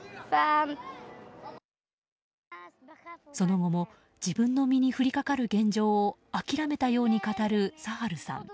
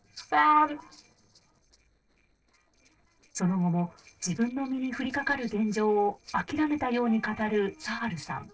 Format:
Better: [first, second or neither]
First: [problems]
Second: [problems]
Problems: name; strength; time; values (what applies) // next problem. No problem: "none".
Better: first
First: none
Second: noise reduction (neural separator model SepFormer DNS4)